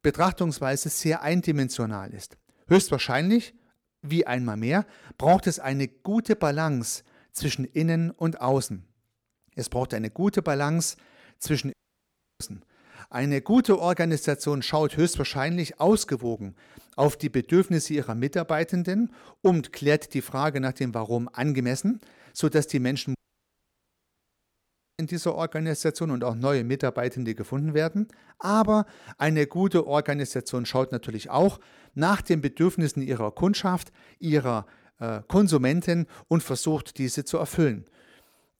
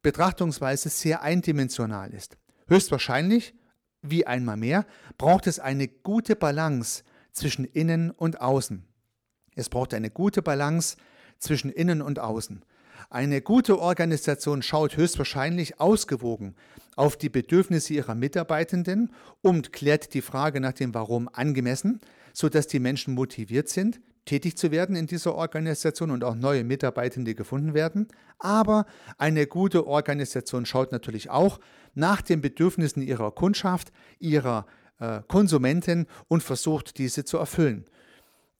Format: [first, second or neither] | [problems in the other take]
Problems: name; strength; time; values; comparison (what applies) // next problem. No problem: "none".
second | audio cutting out; at 12 s for 0.5 s and at 23 s for 2 s